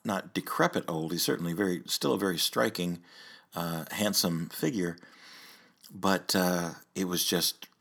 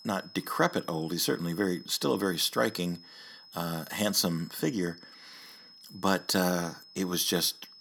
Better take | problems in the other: first | high-pitched whine; faint; throughout; 5 kHz, 20 dB below the speech

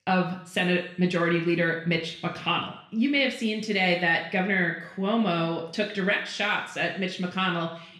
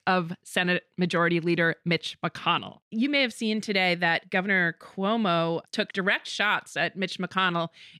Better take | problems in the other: second | room echo; slight; dies away in 0.7 s // off-mic speech; somewhat distant

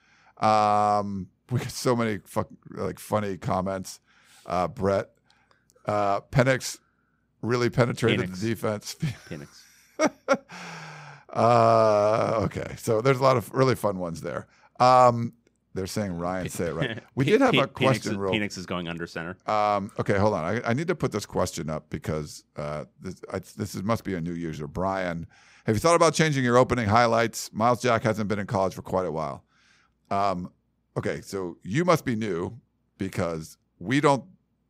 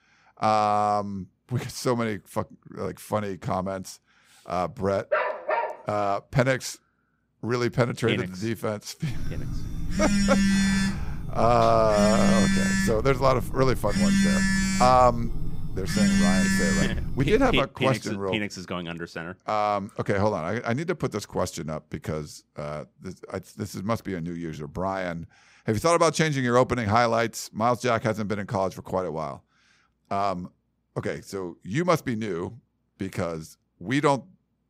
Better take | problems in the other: first | dog barking; loud; at 5 s; peak level with the speech // phone ringing; loud; from 9 to 18 s; peak 5 dB above the speech

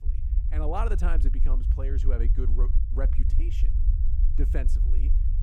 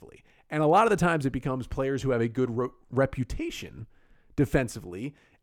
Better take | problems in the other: second | low rumble; loud; throughout; 9 dB below the speech

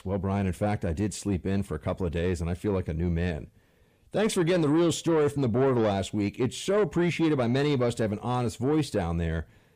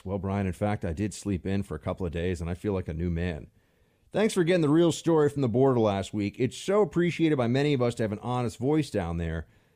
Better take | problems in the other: second | distortion; slight; 10 dB below the speech

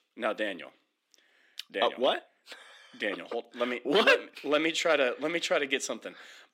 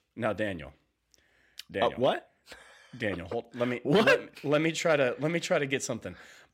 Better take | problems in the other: second | thin; very slightly; fading below 250 Hz

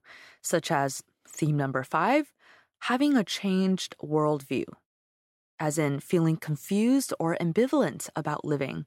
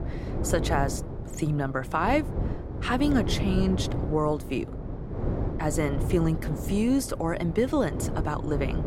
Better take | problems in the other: first | wind noise on the microphone; heavy; 9 dB below the speech

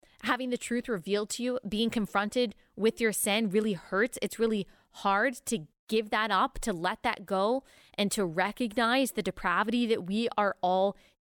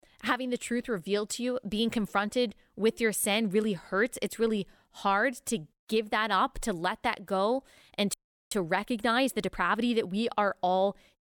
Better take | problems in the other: first | audio freezing; at 8 s

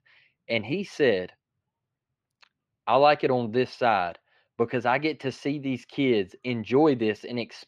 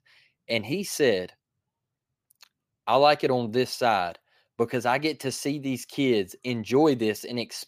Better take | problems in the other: second | muffled; slightly; fading above 2.5 kHz

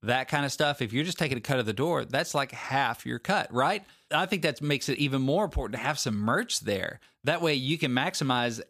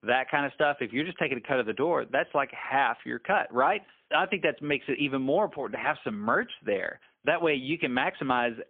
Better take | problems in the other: first | phone-call audio; poor line; nothing above 3 kHz

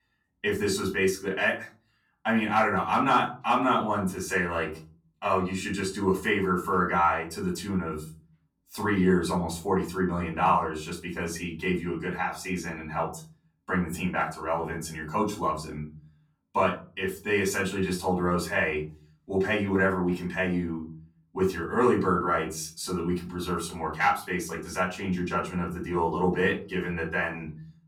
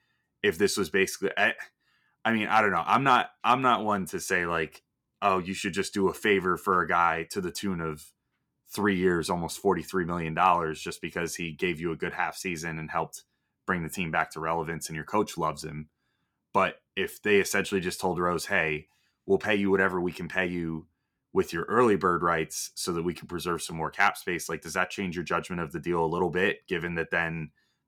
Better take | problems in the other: second | room echo; slight; dies away in 0.4 s // off-mic speech; far

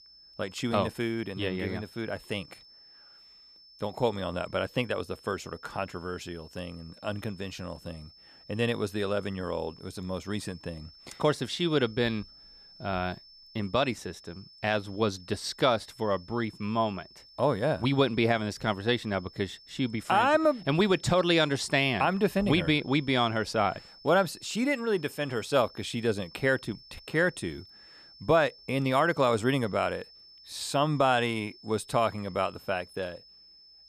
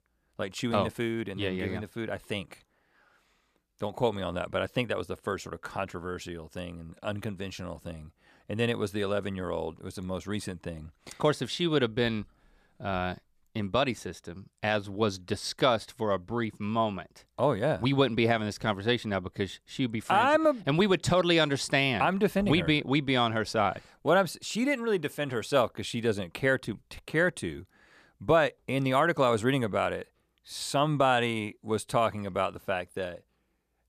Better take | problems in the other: second | high-pitched whine; faint; throughout; 5.5 kHz, 20 dB below the speech

